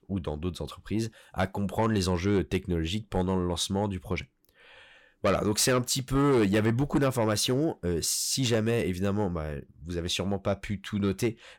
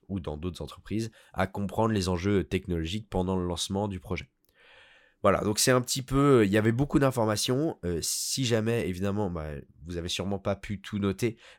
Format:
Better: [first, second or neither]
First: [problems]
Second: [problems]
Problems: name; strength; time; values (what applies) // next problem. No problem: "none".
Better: second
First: distortion; slight; 10 dB below the speech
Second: none